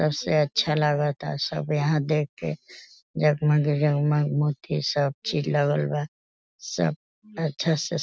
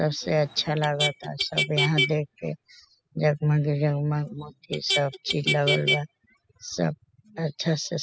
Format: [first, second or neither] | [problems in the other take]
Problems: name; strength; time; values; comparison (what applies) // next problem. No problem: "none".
first | noise reduction (classical method spectral subtraction)